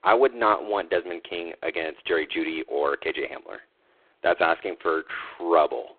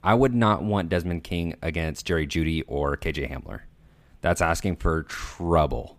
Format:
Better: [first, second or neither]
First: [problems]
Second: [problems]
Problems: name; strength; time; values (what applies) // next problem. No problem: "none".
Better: second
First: phone-call audio; poor line; nothing above 3.5 kHz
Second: none